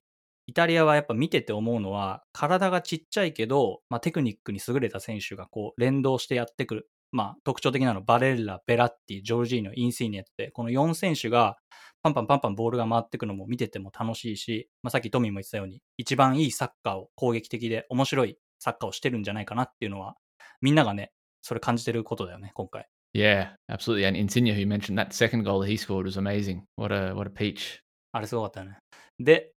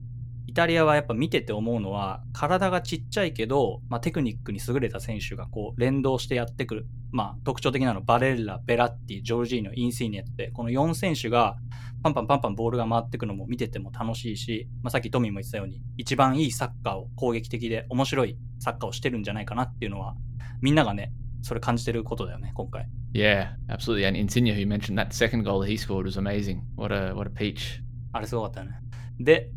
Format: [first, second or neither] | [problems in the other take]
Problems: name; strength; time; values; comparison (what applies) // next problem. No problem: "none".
first | low rumble; faint; throughout; 25 dB below the speech